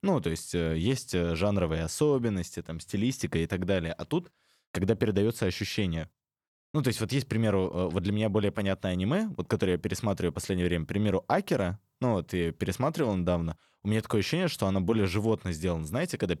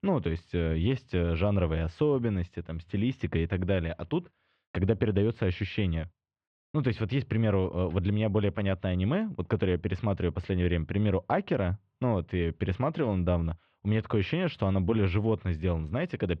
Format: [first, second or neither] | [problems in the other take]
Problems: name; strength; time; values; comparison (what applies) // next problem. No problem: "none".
first | muffled; very; fading above 3 kHz